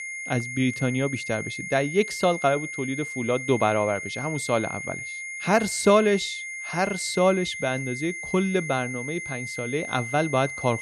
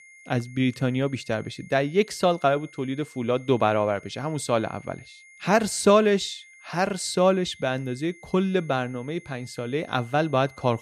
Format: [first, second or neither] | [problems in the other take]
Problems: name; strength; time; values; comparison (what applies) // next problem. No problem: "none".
second | high-pitched whine; loud; throughout; 2 kHz, 7 dB below the speech; faint in the second